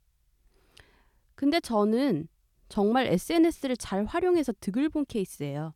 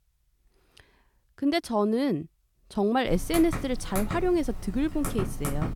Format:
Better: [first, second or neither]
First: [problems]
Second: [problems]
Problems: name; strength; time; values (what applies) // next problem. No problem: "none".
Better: first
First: none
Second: keyboard typing; noticeable; from 3 s on; peak 5 dB below the speech